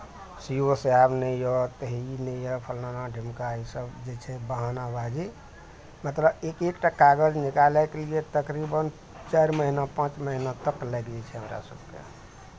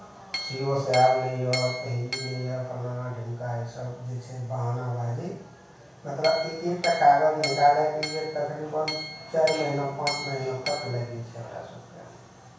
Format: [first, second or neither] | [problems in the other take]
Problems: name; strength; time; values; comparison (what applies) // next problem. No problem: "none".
first | background sound (Chink, clink); 8 dB below the speech // room echo; dies away in 0.7 s